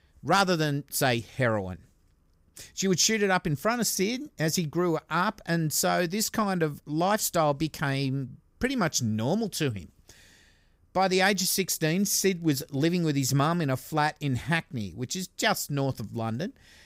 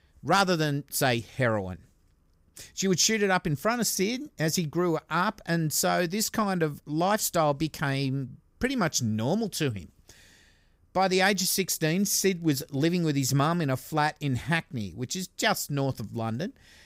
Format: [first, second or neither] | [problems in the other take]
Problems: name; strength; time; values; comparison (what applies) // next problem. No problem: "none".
neither | none